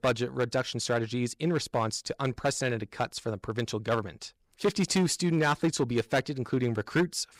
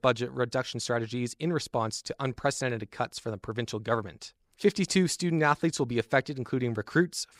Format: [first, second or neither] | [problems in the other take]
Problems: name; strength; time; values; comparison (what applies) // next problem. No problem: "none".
second | distortion; slight; 4% of the sound clipped